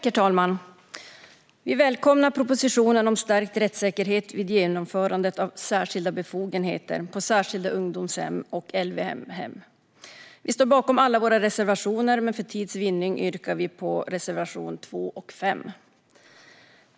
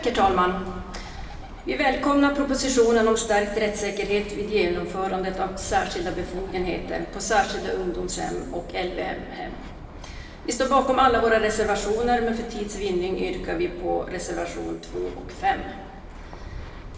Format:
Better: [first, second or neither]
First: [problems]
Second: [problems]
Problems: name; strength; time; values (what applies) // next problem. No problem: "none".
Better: first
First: none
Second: background sound (Bird); 13 dB below the speech // room echo; dies away in 1.3 s